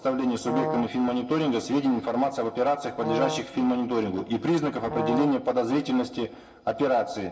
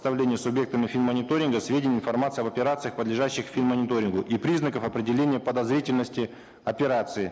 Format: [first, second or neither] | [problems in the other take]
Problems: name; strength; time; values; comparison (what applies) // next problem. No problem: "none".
second | background sound (Brass instrument); 5 dB below the speech // room echo; dies away in 0.2 s